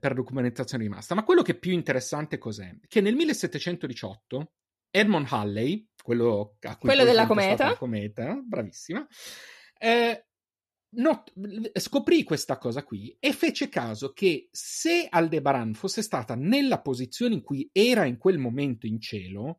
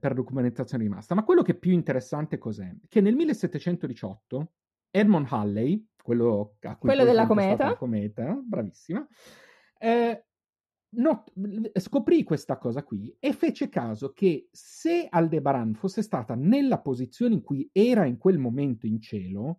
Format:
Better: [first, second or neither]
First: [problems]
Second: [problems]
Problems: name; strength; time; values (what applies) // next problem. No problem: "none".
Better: first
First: none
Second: muffled; slightly; fading above 1.5 kHz